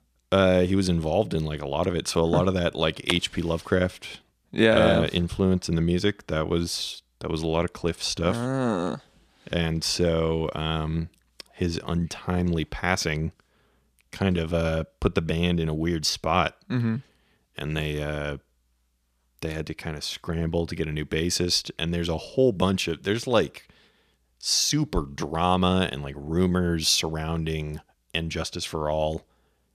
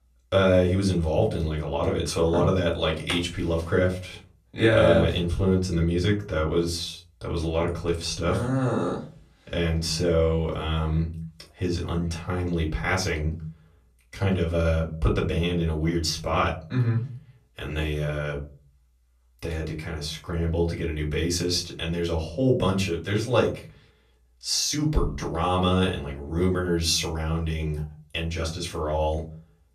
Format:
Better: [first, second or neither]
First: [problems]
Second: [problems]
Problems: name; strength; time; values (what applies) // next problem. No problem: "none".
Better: first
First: none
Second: off-mic speech; far // room echo; slight; dies away in 0.3 s